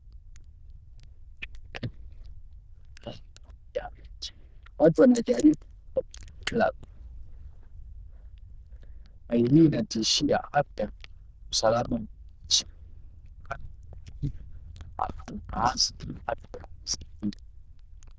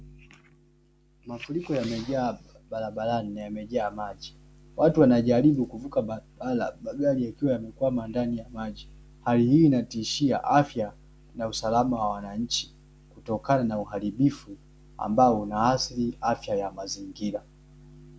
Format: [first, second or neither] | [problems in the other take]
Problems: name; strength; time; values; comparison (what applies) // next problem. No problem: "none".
second | noise reduction (neural diffusion model UNIVERSE++)